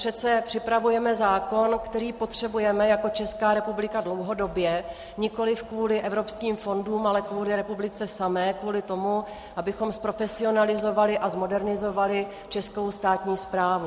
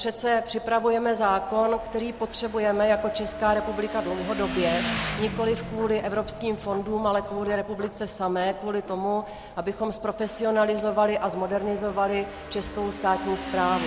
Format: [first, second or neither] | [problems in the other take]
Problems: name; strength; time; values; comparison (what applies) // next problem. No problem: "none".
first | background sound (Motorcycle / Engine); 12 dB below the speech